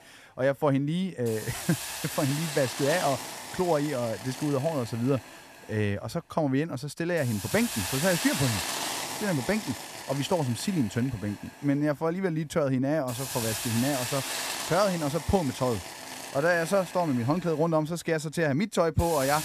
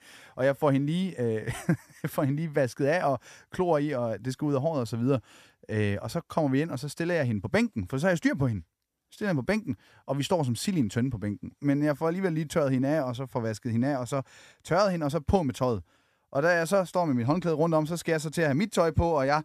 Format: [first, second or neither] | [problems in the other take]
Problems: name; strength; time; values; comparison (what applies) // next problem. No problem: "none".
second | hiss; loud; throughout; 6 dB below the speech